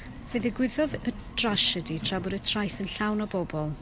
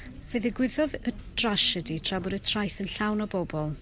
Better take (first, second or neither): second